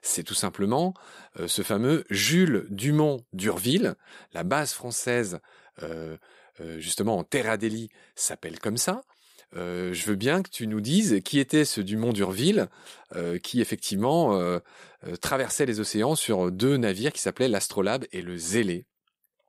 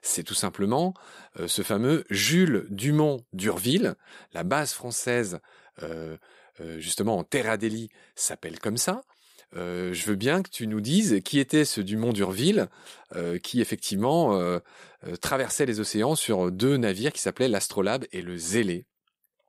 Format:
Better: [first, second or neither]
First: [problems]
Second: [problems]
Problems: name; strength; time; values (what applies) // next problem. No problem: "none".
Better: neither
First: none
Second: none